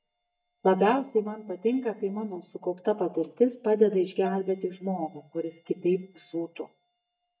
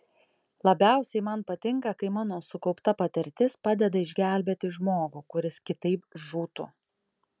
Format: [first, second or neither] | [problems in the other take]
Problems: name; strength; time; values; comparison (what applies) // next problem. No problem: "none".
second | noise reduction (neural mask model DeepFilterNet 3)